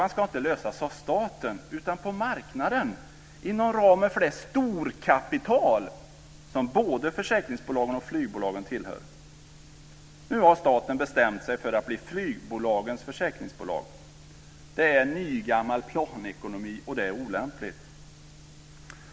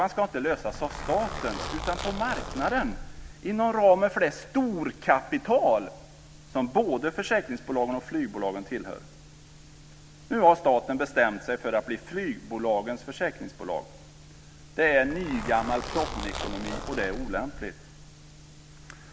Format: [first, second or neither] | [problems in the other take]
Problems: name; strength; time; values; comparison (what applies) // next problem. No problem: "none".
first | background sound (Zipper (clothing)); 8 dB below the speech